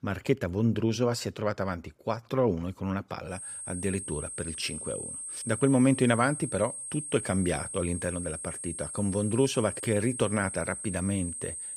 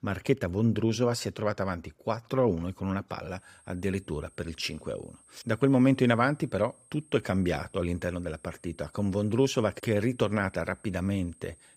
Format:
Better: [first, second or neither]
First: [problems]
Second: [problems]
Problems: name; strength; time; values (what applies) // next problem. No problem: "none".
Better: second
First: high-pitched whine; loud; from 3.5 s on; 8.5 kHz, 6 dB below the speech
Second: high-pitched whine; faint; from 3.5 s on; 8.5 kHz, 30 dB below the speech